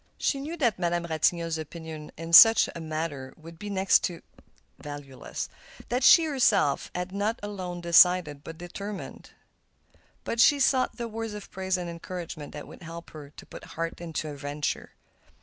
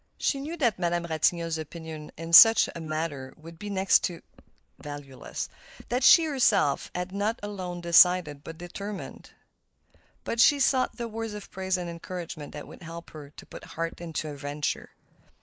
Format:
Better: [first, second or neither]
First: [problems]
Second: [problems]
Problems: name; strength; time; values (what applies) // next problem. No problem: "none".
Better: first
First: none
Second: noise reduction (neural mask model Resemble Enhance denoiser)